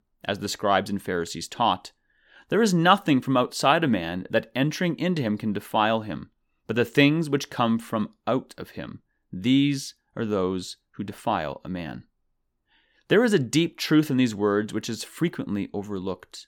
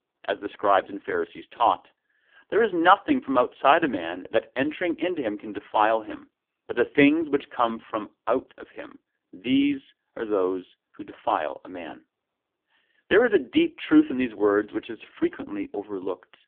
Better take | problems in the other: first | phone-call audio; poor line; nothing above 3.5 kHz

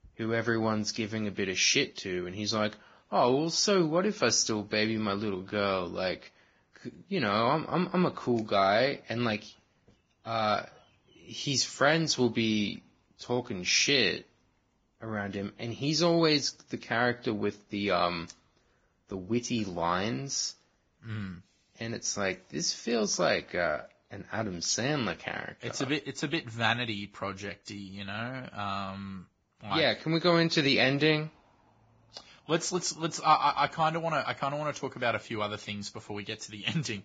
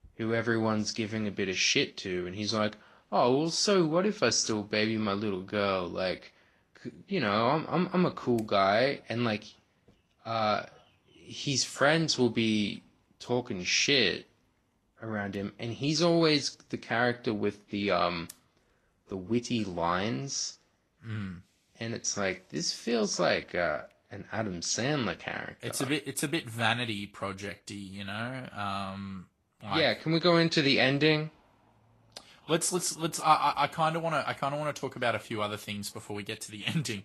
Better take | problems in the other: second | garbled, watery; badly; slightly in the second

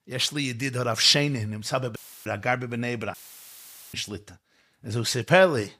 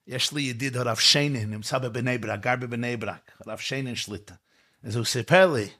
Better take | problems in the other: second | audio cutting out; filled with static; at 2 s and at 3 s for 1 s

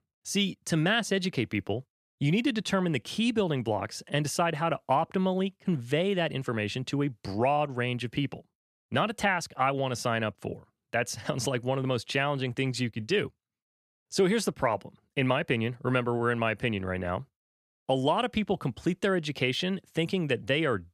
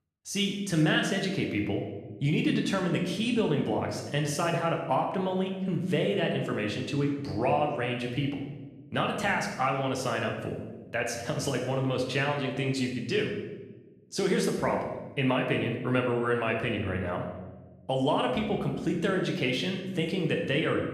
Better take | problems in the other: first | room echo; noticeable; dies away in 0.9 s // off-mic speech; somewhat distant

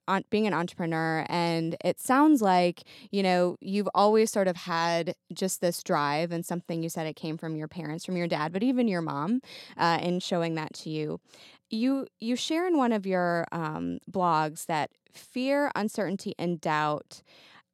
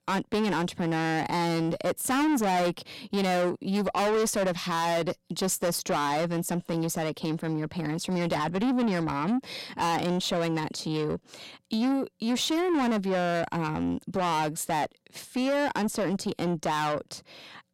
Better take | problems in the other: first | distortion; heavy; 6 dB below the speech

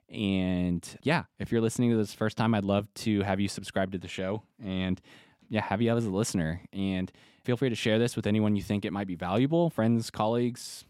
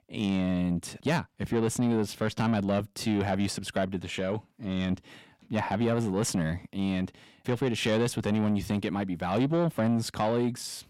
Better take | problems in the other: first | distortion; slight; 10 dB below the speech

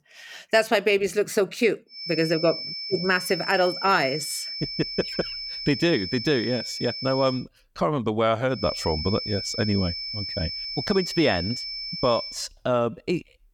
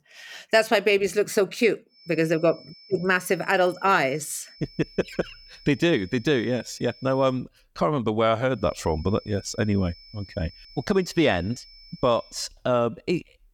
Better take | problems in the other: second | high-pitched whine; loud; from 2 to 7.5 s and from 8.5 to 12 s; 5.5 kHz, 6 dB below the speech; faint in the second

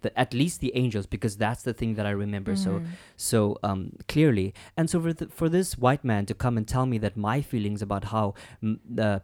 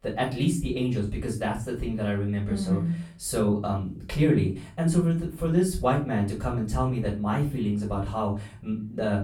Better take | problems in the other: first | off-mic speech; far // room echo; slight; dies away in 0.3 s

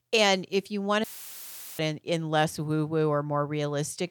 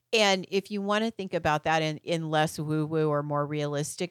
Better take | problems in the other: second | audio cutting out; filled with static; at 1 s for 1 s

